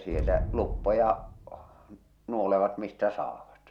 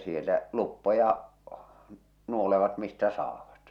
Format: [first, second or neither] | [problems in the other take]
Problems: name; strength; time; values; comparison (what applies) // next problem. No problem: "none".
second | background sound (Explosion); 7 dB below the speech